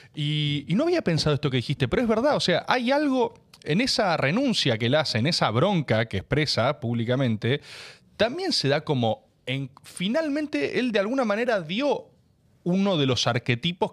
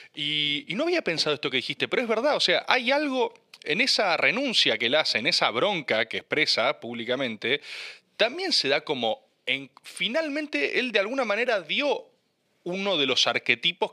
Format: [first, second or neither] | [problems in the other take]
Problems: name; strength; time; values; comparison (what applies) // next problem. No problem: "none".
first | thin; somewhat; fading below 350 Hz